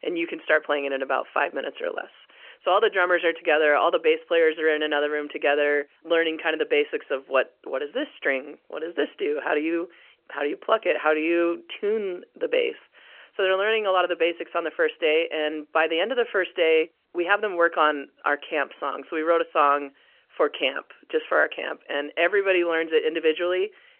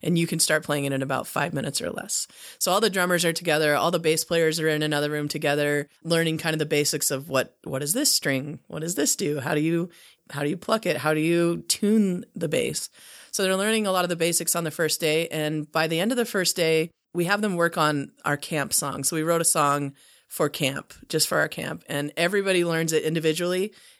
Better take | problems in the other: second | phone-call audio; nothing above 3 kHz

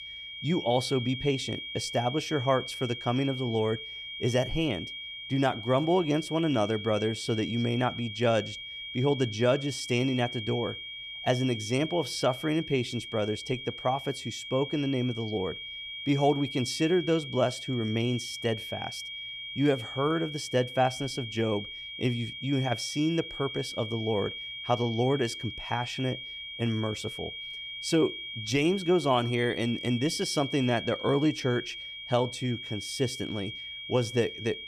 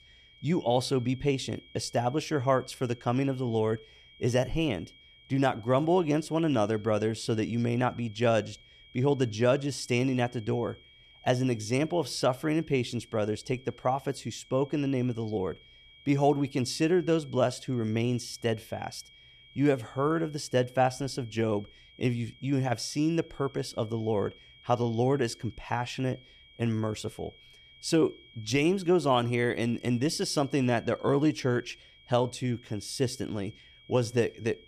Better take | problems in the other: second | high-pitched whine; loud; throughout; 3 kHz, 8 dB below the speech; faint in the second

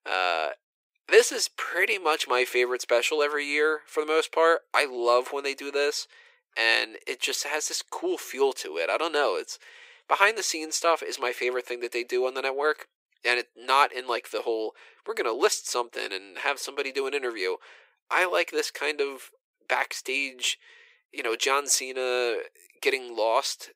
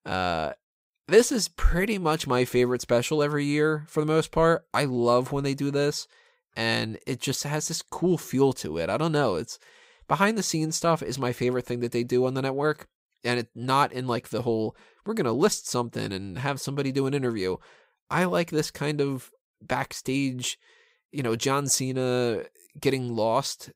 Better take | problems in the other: second | thin; very; fading below 350 Hz

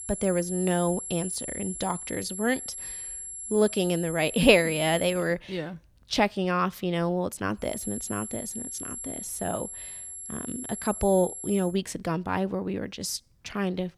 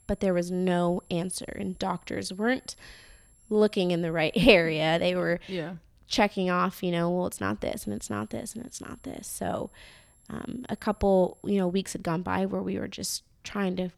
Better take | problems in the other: second | high-pitched whine; loud; until 5 s and from 7.5 to 12 s; 11 kHz, 8 dB below the speech; faint in the second

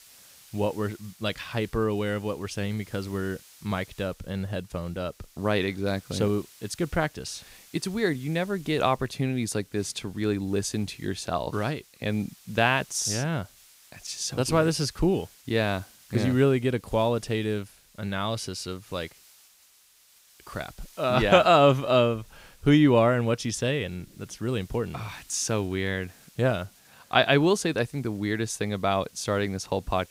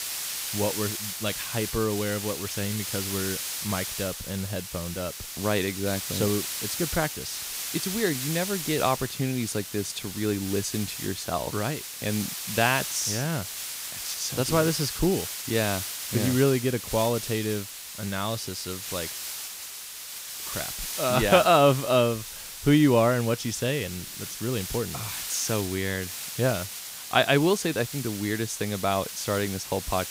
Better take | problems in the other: first | hiss; loud; throughout; 6 dB below the speech; faint in the first

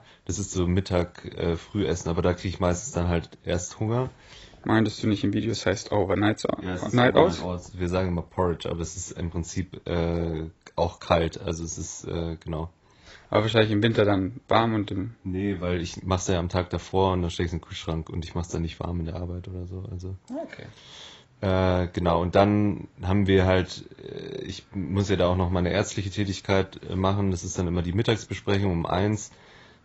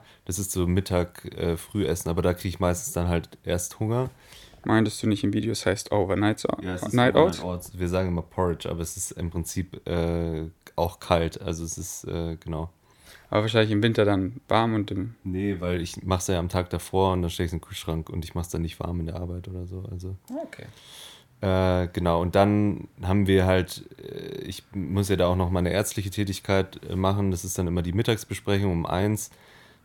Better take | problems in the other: second | garbled, watery; badly; nothing above 7.5 kHz

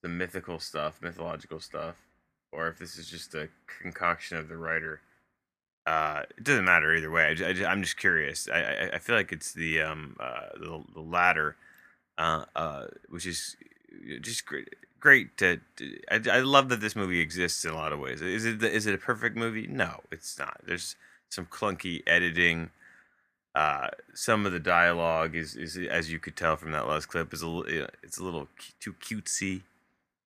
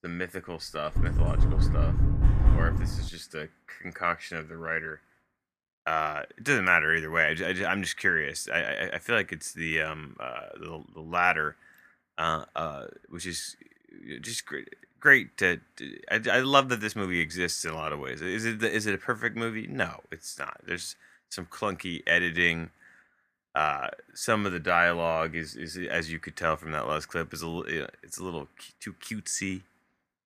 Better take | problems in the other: first | door banging; loud; from 1 to 3 s; peak 5 dB above the speech

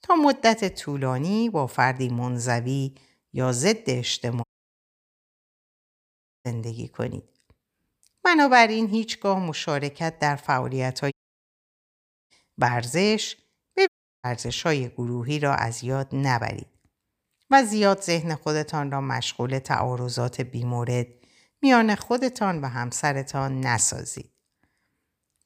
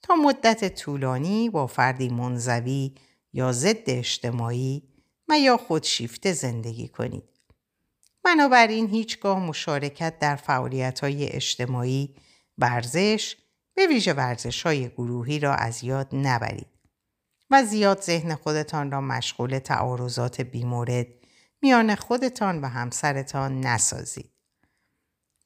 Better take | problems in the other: second | audio cutting out; at 4.5 s for 2 s, at 11 s for 1 s and at 14 s

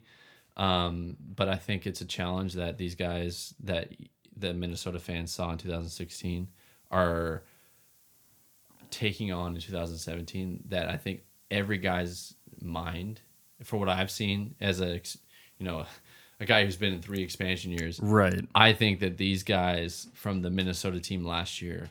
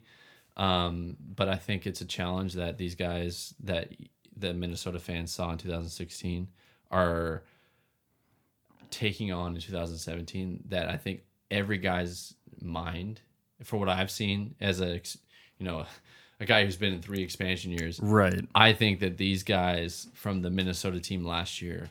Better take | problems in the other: second | hiss; faint; from 6 to 18 s; 30 dB below the speech

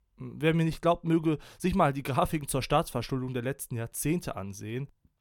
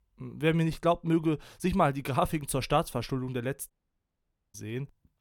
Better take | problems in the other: first | audio cutting out; at 3.5 s for 1 s

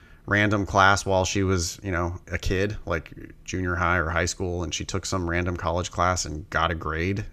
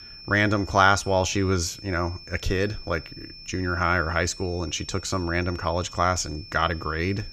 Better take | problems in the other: first | high-pitched whine; noticeable; throughout; 5.5 kHz, 15 dB below the speech

